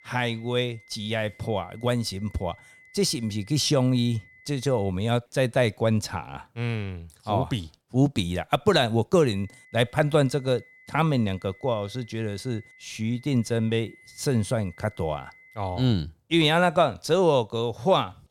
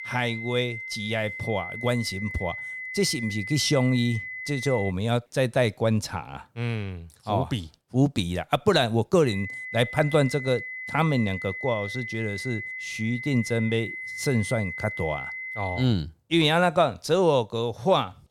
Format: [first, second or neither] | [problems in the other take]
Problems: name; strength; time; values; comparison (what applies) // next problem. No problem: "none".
first | high-pitched whine; loud; until 5 s and from 9.5 to 16 s; 2 kHz, 8 dB below the speech; faint in the first